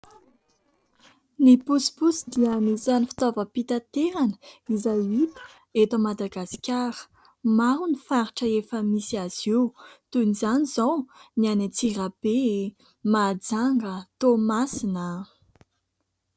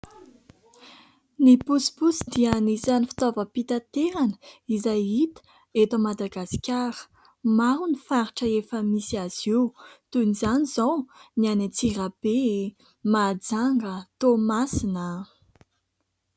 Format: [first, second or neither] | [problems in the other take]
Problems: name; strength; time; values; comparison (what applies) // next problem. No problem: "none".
second | noise reduction (neural separator model SepFormer DNS4)